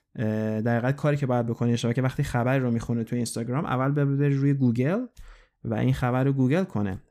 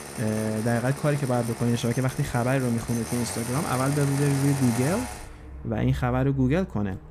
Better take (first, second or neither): first